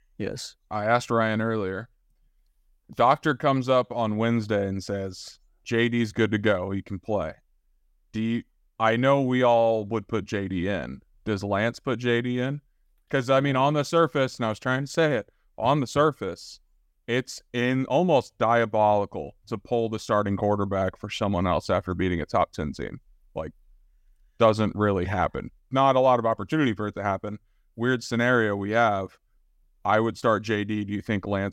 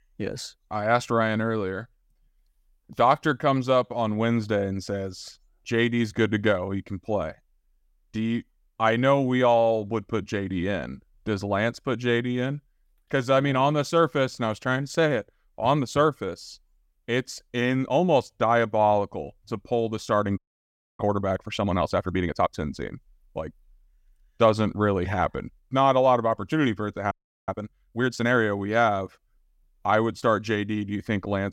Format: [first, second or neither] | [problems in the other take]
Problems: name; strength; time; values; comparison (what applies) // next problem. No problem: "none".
first | audio freezing; at 20 s for 0.5 s and at 27 s